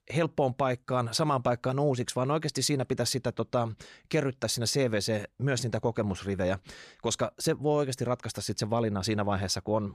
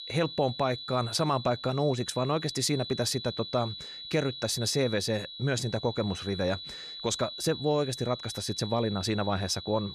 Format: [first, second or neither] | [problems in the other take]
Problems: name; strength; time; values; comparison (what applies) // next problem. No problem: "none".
first | high-pitched whine; loud; throughout; 4 kHz, 9 dB below the speech